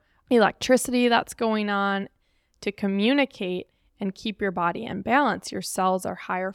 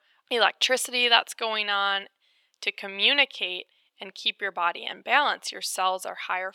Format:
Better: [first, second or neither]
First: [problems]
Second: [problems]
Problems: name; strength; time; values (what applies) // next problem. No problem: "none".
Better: first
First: none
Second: thin; very; fading below 700 Hz